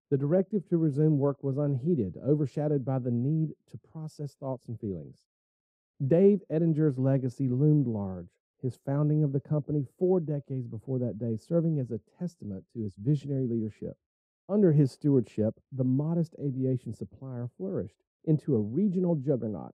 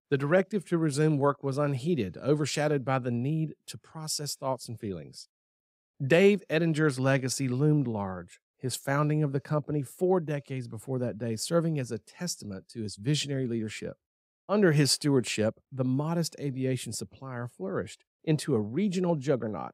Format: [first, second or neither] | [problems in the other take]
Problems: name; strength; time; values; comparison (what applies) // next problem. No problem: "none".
second | muffled; very; fading above 1 kHz